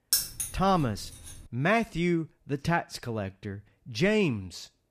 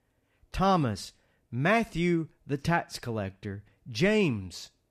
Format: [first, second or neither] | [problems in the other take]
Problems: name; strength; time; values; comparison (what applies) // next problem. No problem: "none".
second | jangling keys; loud; at the start; peak 3 dB above the speech